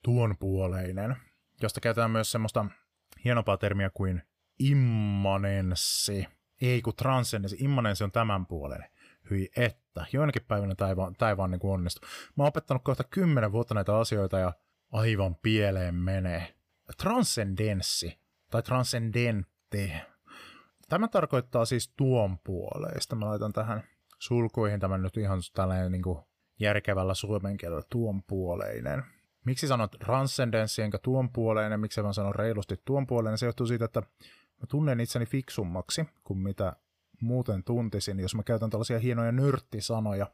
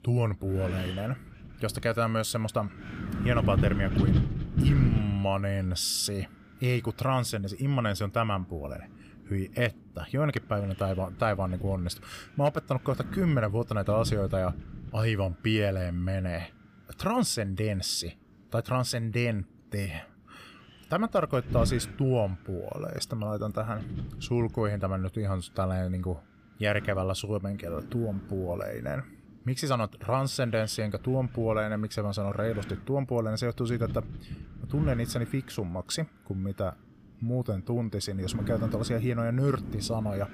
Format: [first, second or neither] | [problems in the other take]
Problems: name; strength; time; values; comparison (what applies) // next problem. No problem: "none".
first | wind noise on the microphone; occasional gusts; 10 dB below the speech